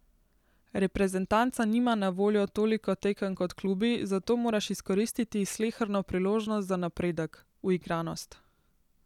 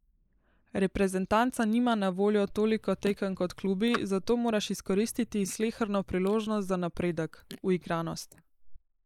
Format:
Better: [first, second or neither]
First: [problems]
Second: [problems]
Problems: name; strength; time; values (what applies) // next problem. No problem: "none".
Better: first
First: none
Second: noise reduction (neural mask model Resemble Enhance denoiser)